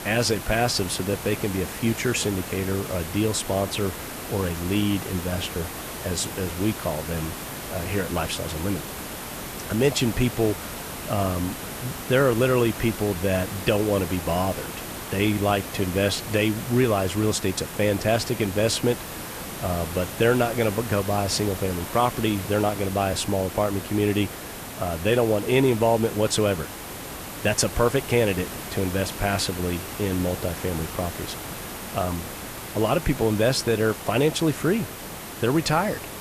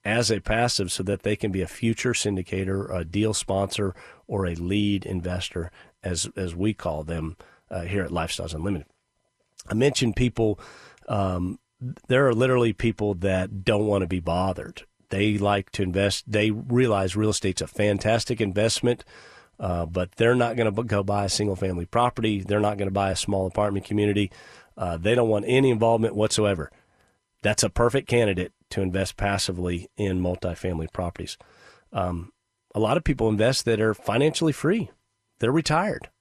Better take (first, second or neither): second